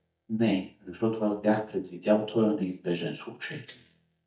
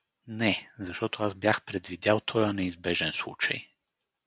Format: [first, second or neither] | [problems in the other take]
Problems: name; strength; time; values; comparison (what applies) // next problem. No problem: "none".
second | noise reduction (neural mask model DeepFilterNet 3)